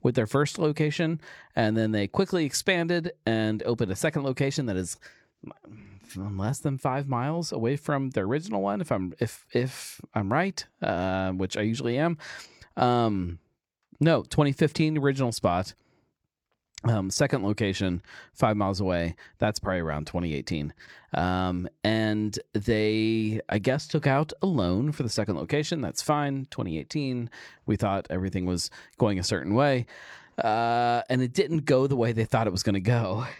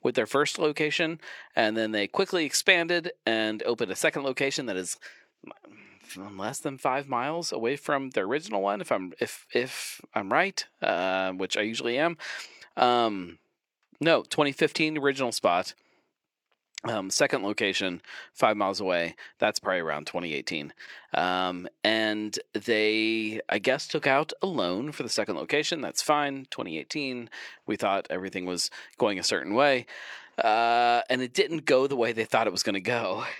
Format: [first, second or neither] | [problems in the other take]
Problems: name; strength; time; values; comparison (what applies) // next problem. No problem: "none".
first | thin; somewhat; fading below 350 Hz